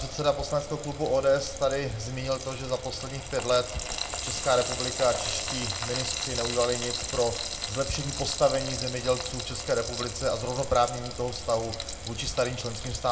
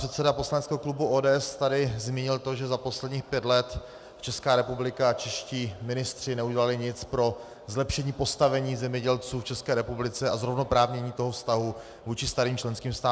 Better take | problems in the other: second | background sound (Frying (food)); 6 dB below the speech // room echo; dies away in 0.3 s

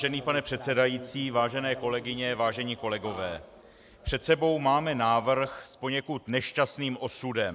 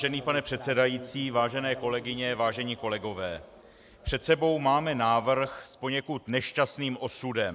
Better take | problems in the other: second | background sound (Burping, eructation); 13 dB below the speech

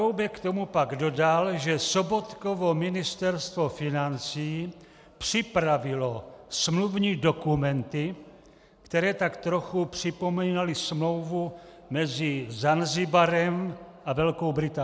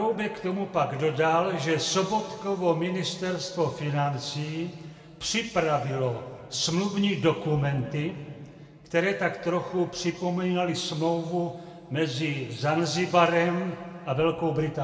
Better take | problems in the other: first | room echo; dies away in 1.6 s

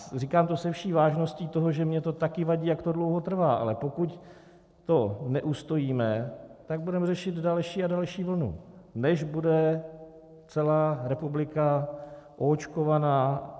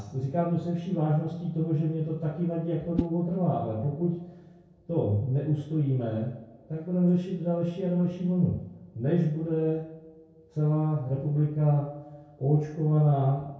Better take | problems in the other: first | background sound (Whoosh, swoosh, swish); 12 dB below the speech // room echo; dies away in 0.6 s

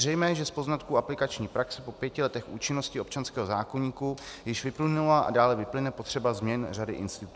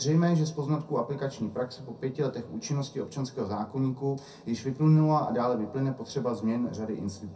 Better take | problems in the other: first | room echo; dies away in 0.3 s

